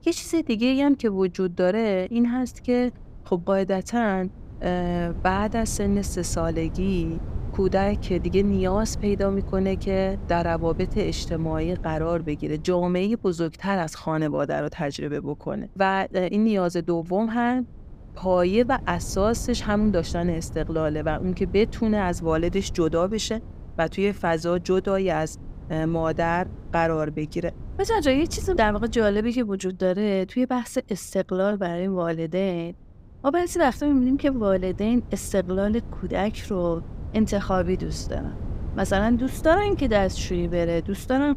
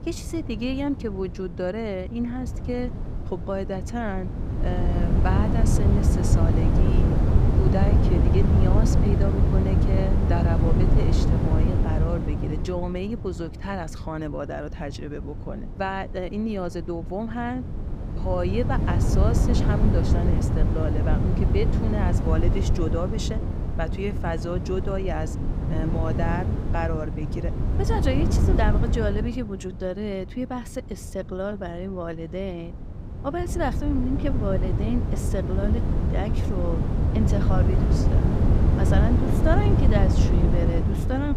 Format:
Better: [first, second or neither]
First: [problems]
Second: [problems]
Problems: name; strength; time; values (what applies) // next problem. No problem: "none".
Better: first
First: wind noise on the microphone; occasional gusts; 20 dB below the speech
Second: wind noise on the microphone; heavy; 2 dB below the speech